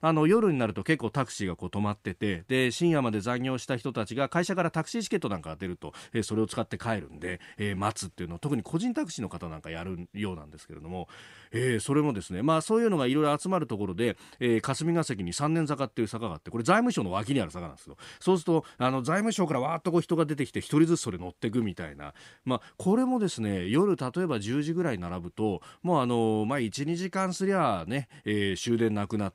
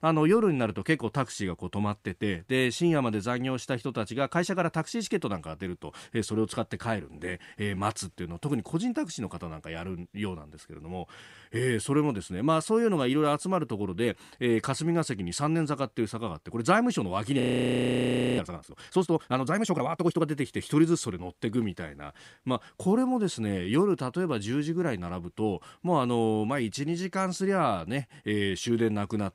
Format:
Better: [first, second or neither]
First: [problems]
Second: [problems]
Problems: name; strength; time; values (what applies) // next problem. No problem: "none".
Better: first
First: none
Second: audio freezing; at 17 s for 1 s